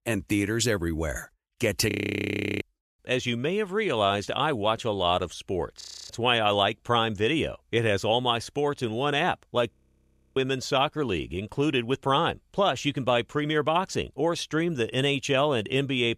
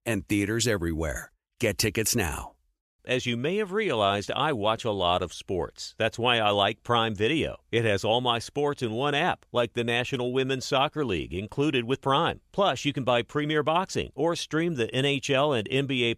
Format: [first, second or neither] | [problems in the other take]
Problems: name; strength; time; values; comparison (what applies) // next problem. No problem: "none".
second | audio freezing; at 2 s for 0.5 s, at 6 s and at 9.5 s for 0.5 s